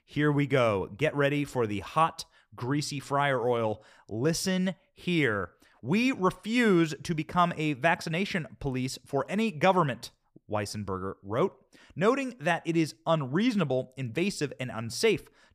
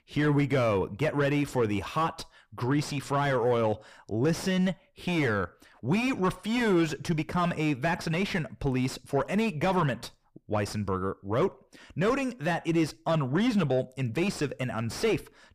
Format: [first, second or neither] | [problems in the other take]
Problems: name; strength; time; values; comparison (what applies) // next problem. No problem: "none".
first | distortion; heavy; 7 dB below the speech